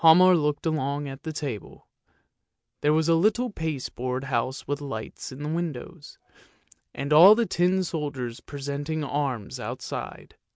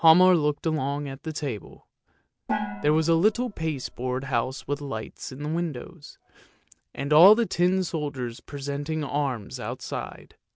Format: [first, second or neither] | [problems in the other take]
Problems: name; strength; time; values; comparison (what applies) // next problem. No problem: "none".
first | background sound (Gong); 10 dB below the speech